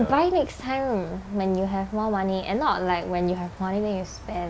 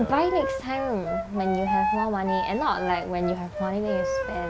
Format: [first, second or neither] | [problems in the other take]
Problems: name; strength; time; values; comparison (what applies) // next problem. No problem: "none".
first | background sound (Wind instrument, woodwind instrument); 3 dB below the speech